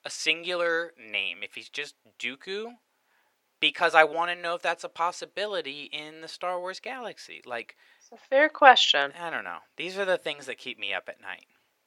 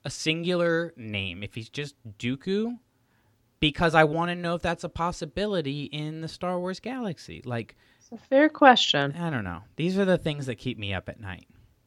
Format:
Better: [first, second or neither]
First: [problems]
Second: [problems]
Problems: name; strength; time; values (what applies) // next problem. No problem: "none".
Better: second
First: thin; very; fading below 650 Hz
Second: none